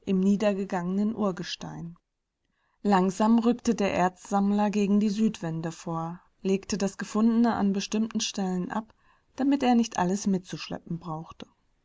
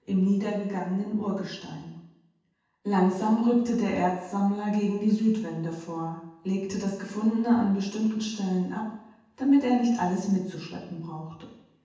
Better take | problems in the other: first | room echo; dies away in 0.9 s

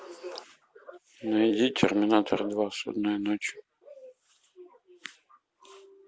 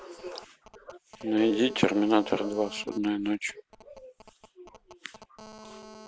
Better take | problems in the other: first | background sound (Telephone); 20 dB below the speech

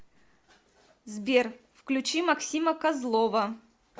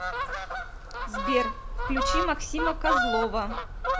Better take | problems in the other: first | background sound (Fowl); 3 dB above the speech

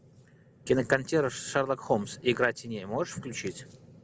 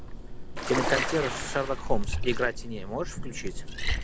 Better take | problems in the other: first | background sound (Liquid + Ocean); 2 dB above the speech

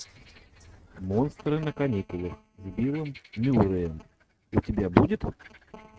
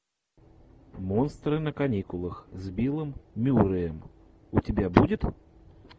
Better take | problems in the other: second | noise reduction (neural mask model RNNoise)

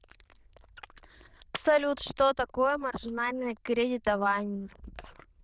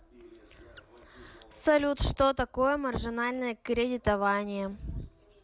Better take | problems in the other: second | noise reduction (neural diffusion model UNIVERSE++)

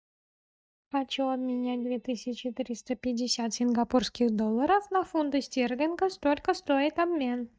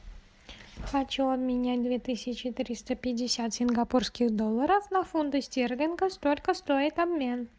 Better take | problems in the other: second | noise reduction (neural mask model DeepFilterNet 3)

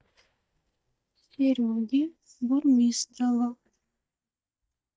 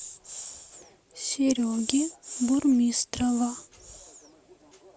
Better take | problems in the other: second | noise reduction (neural mask model DeepFilterNet 3)

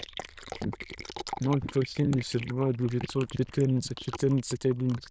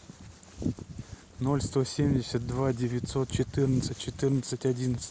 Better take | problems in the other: second | noise reduction (neural diffusion model UNIVERSE++)

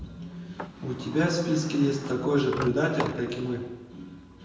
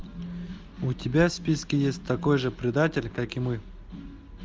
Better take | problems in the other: second | background sound (Sliding door); 11 dB below the speech // room echo; dies away in 0.9 s

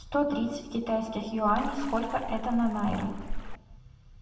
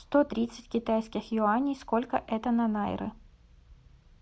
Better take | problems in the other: second | background sound (Splash, splatter); 5 dB below the speech // room echo; dies away in 1.1 s

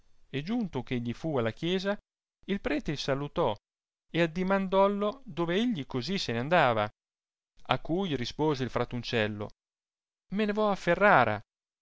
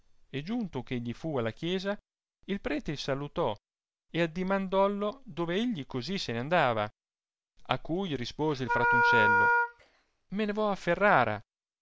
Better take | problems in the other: first | background sound (Wind instrument, woodwind instrument); 3 dB above the speech

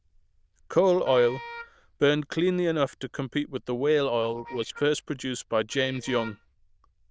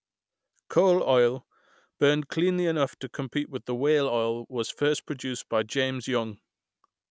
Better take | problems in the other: second | noise reduction (neural diffusion model UNIVERSE++)

